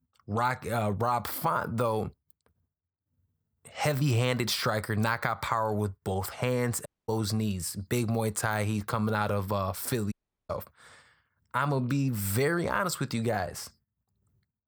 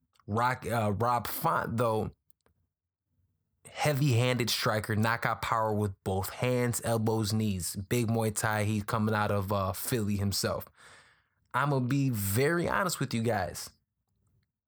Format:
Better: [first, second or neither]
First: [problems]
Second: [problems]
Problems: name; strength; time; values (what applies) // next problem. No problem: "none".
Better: second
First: audio cutting out; at 7 s and at 10 s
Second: none